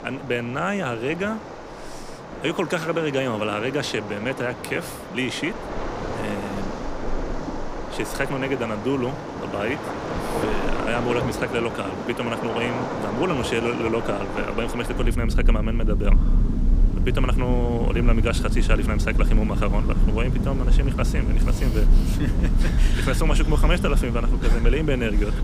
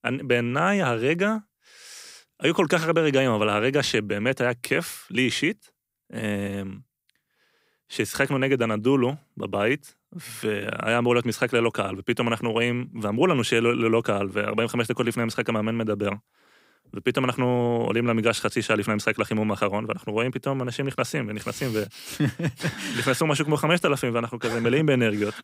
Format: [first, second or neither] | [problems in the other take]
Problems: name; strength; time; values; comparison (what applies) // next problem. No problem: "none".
second | rain or running water; very loud; throughout; as loud as the speech